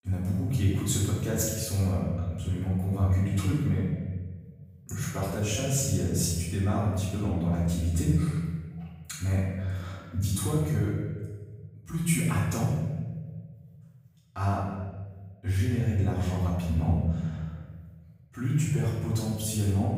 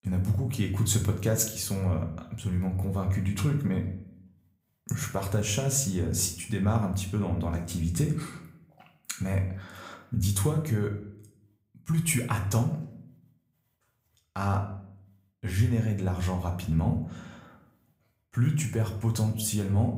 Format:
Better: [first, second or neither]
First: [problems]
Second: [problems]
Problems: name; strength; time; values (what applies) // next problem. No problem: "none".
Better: second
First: room echo; strong; dies away in 1.3 s // off-mic speech; far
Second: room echo; slight; dies away in 0.5 s